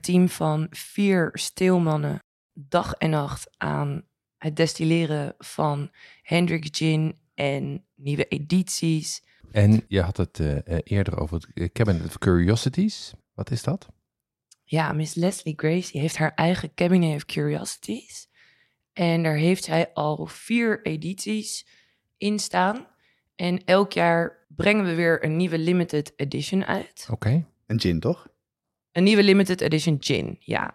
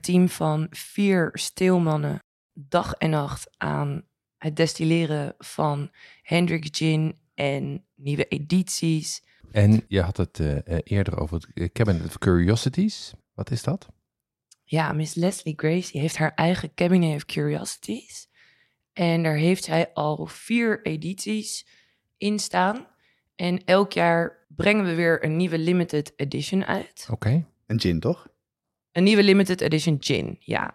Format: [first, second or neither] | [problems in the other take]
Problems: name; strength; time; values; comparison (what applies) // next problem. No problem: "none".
neither | none